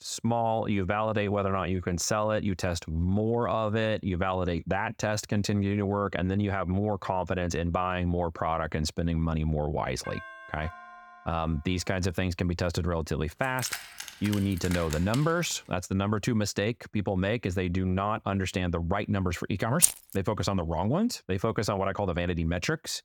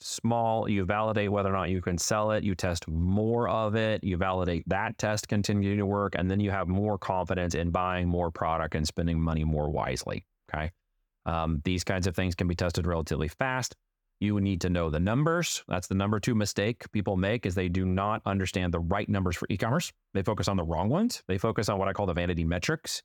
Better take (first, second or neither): second